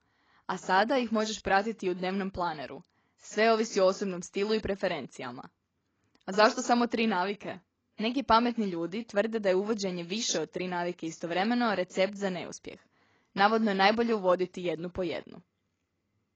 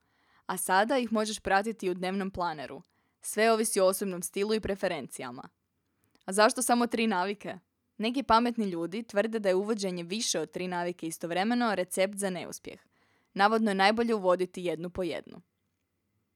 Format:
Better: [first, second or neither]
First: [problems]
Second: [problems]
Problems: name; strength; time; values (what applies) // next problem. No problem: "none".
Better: second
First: garbled, watery; badly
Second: none